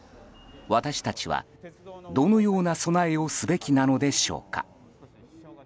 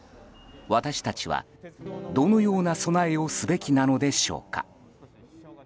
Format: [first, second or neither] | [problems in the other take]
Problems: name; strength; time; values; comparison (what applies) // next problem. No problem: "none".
first | background sound (Electric guitar / Strum); 14 dB below the speech